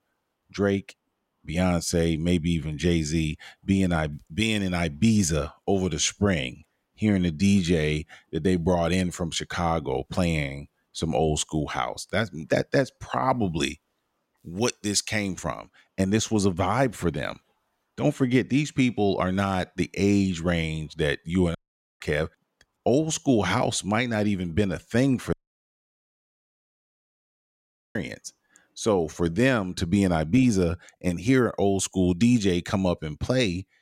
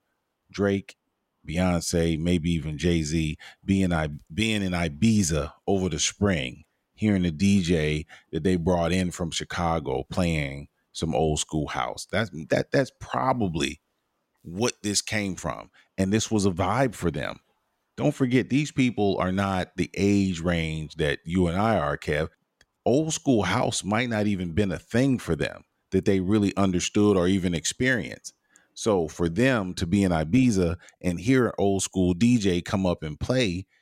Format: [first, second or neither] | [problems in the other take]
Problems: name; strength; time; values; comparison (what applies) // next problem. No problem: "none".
second | audio cutting out; at 22 s and at 25 s for 2.5 s